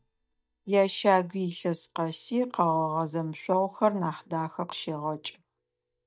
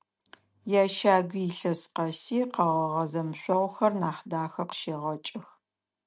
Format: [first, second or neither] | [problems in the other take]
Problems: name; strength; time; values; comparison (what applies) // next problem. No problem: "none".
second | noise reduction (neural mask model DeepFilterNet 3)